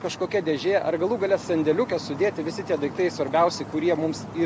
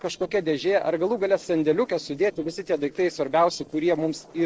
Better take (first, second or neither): first